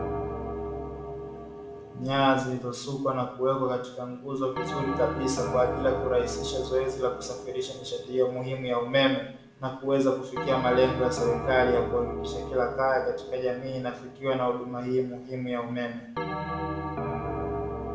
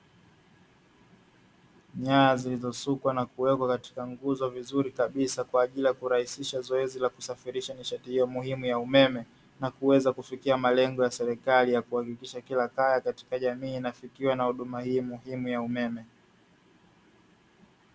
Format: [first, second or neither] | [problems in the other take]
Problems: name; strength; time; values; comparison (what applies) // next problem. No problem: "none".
second | background sound (Bell); 7 dB below the speech // room echo; dies away in 0.6 s